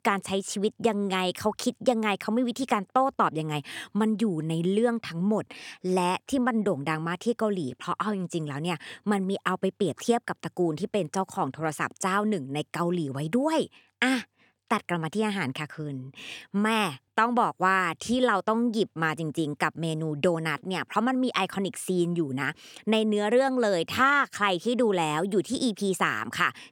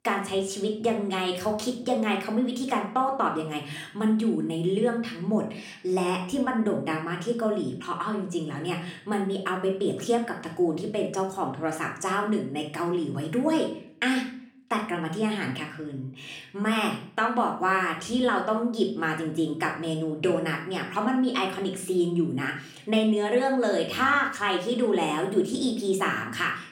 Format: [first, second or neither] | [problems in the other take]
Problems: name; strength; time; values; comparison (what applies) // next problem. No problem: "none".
first | room echo; slight; dies away in 0.5 s // off-mic speech; somewhat distant